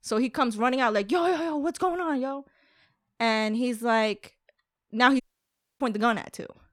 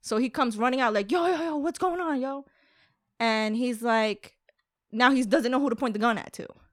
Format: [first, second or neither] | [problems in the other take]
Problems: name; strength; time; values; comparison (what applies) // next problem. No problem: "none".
second | audio cutting out; at 5 s for 0.5 s